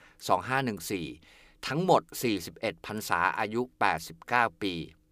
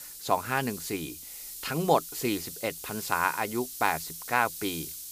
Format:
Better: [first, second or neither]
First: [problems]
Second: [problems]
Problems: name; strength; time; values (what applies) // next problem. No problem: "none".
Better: first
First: none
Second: hiss; loud; throughout; 8 dB below the speech